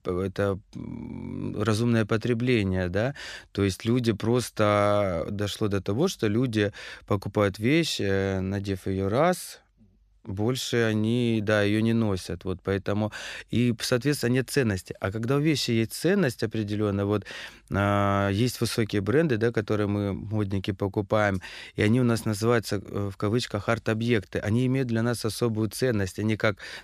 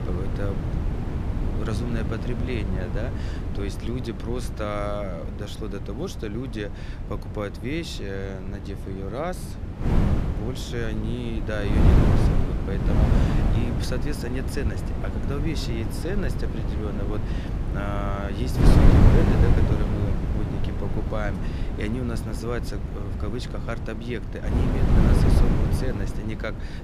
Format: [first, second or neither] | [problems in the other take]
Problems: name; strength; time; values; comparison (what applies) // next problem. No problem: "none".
first | wind noise on the microphone; heavy; as loud as the speech